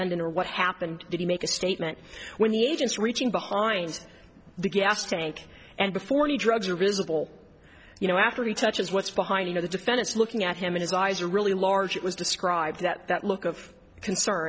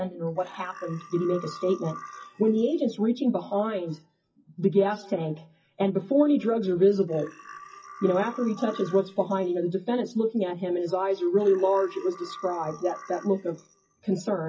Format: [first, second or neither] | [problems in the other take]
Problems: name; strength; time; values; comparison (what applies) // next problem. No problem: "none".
first | noise reduction (classical method WPE with log-MMSE)